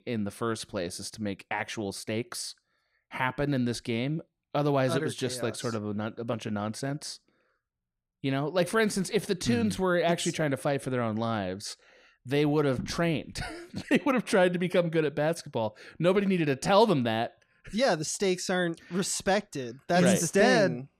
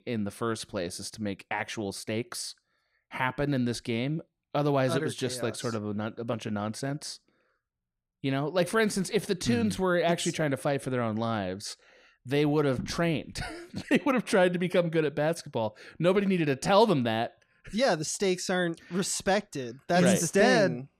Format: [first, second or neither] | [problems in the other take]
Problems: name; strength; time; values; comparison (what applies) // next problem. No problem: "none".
neither | none